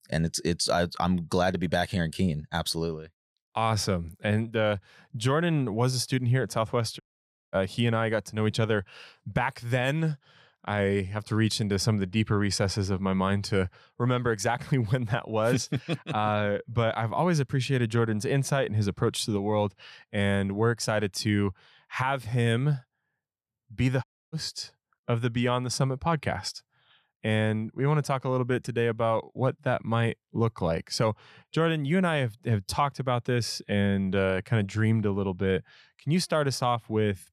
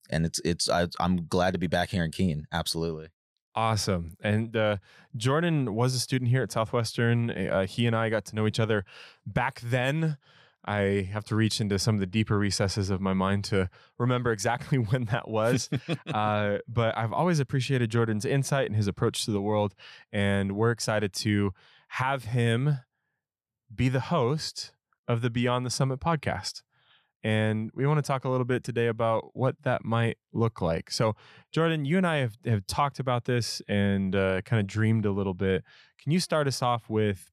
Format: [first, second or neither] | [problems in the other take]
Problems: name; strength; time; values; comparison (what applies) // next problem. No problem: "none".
second | audio cutting out; at 7 s for 0.5 s and at 24 s